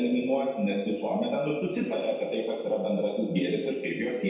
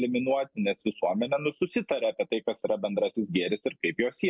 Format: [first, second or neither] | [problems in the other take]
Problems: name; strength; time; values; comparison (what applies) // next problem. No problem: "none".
second | room echo; dies away in 1.1 s